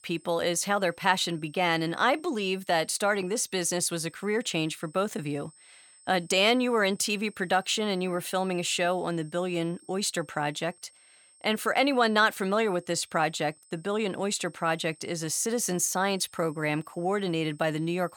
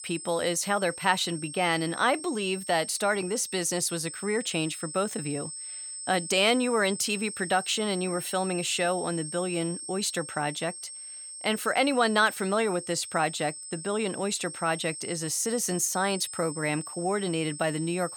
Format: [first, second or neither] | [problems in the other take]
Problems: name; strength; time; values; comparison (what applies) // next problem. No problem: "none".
first | high-pitched whine; loud; throughout; 8 kHz, 9 dB below the speech; faint in the first